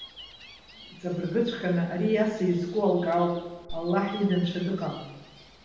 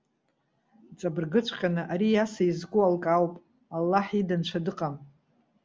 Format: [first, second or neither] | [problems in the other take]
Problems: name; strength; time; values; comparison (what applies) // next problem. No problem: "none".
second | background sound (Gull, seagull); 18 dB below the speech // room echo; dies away in 0.9 s